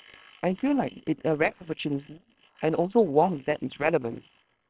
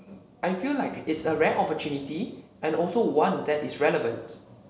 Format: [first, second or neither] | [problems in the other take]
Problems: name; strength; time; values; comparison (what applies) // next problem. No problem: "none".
second | noise reduction (neural separator model SepFormer WHAM!)